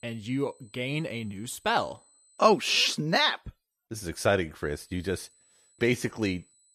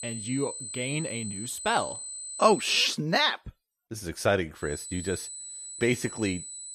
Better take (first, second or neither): first